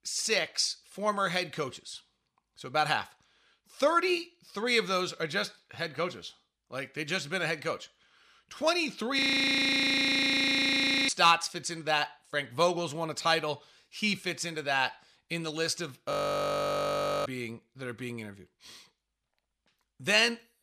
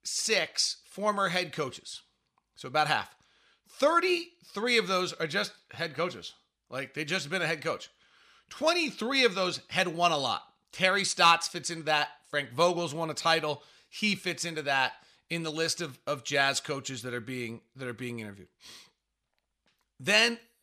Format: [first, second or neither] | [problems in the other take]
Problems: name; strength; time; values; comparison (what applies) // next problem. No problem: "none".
second | audio freezing; at 9 s for 2 s and at 16 s for 1 s